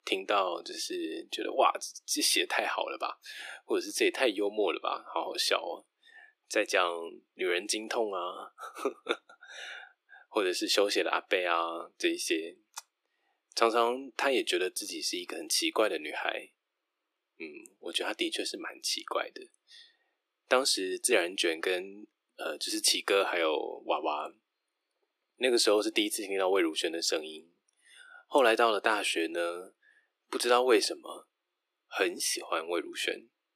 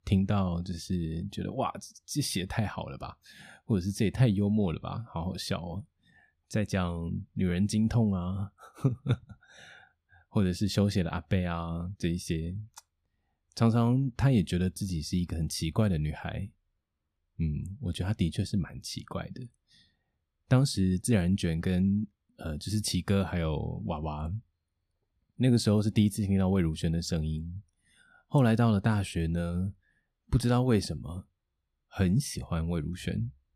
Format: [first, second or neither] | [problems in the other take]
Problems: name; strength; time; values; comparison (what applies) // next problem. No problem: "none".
second | thin; very; fading below 350 Hz